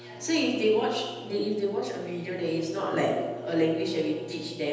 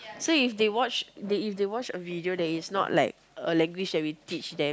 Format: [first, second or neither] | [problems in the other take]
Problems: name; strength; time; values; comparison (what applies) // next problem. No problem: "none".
second | background sound (Bowed string instrument); 16 dB below the speech // room echo; dies away in 1.1 s